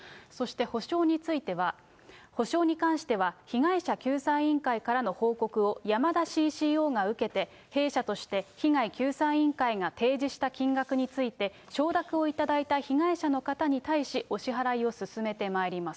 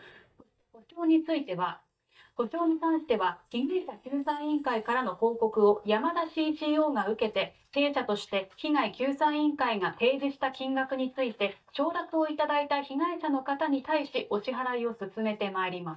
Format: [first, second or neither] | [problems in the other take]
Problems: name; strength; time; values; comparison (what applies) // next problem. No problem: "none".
first | noise reduction (neural mask model DeepFilterNet 3)